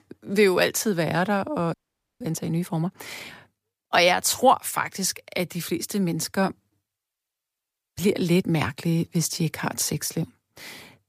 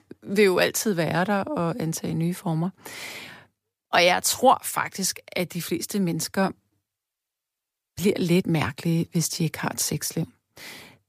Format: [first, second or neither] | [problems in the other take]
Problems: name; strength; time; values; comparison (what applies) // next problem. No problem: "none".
second | audio freezing; at 1.5 s